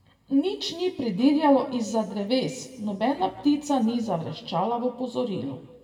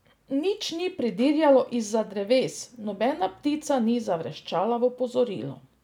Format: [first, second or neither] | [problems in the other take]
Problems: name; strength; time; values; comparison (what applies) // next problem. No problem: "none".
second | room echo; dies away in 1.2 s